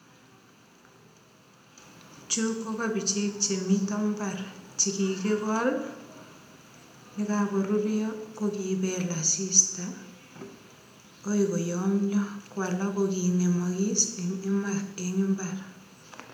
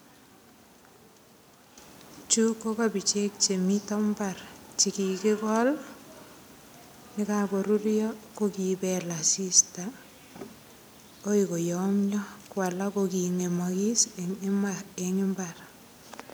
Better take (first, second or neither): second